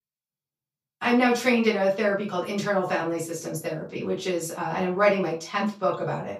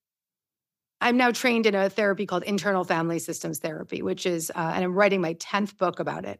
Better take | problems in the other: second | off-mic speech; far // room echo; slight; dies away in 0.3 s

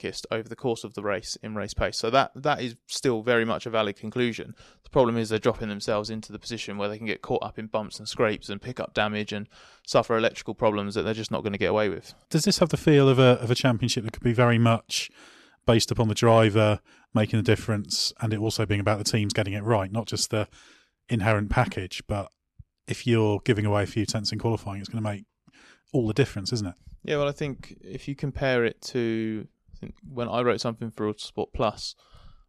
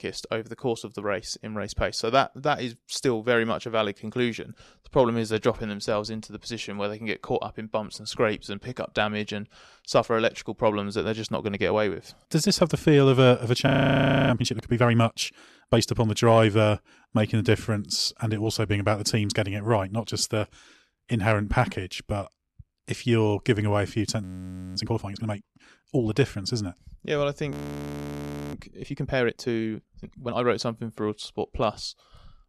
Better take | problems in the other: first | audio freezing; at 14 s for 0.5 s, at 24 s for 0.5 s and at 28 s for 1 s

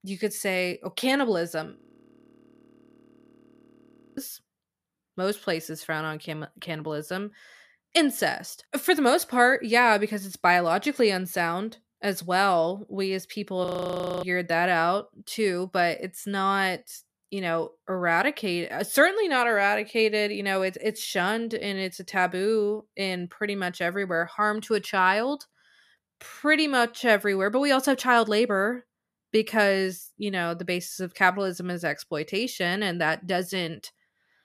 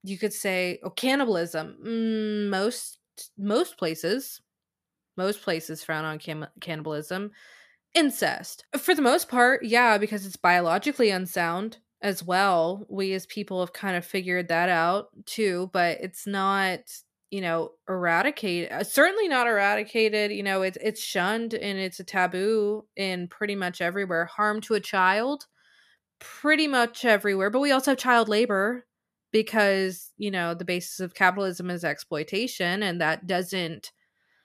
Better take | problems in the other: second | audio freezing; at 2 s for 2.5 s and at 14 s for 0.5 s

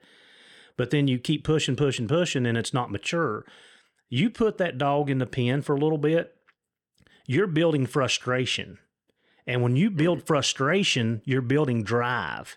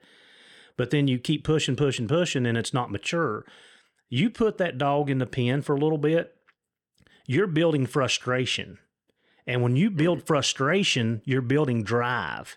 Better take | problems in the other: neither | none

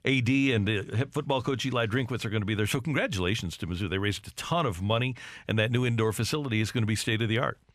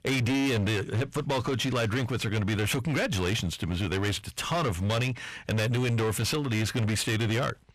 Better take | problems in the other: first | distortion; heavy; 27% of the sound clipped

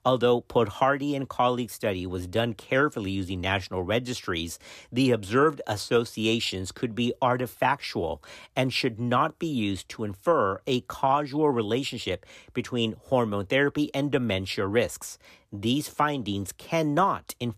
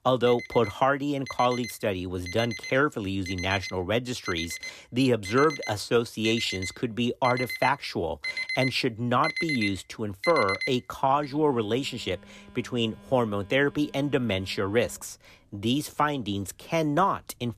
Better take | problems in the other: first | alarms or sirens; loud; throughout; 7 dB below the speech

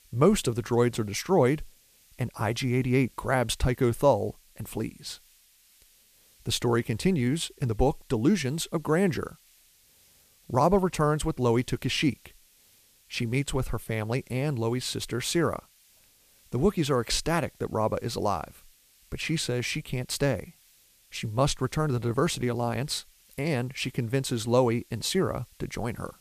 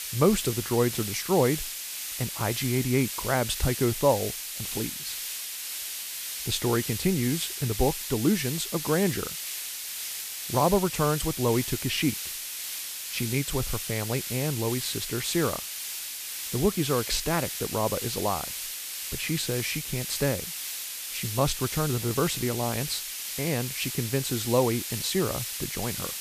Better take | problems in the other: first | hiss; loud; throughout; 4 dB below the speech; faint in the first

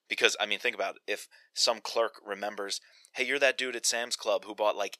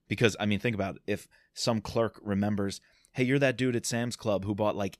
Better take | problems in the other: second | thin; very; fading below 500 Hz

